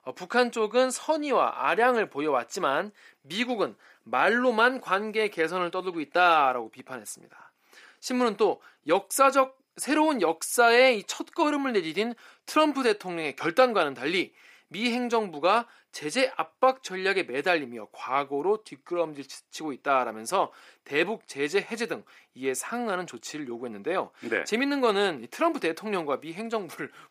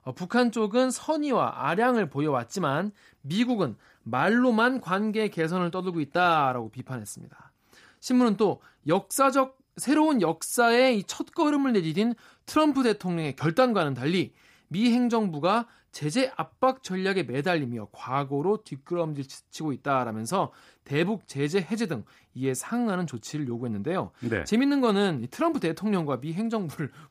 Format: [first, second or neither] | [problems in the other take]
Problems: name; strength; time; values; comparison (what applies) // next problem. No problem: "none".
second | thin; somewhat; fading below 400 Hz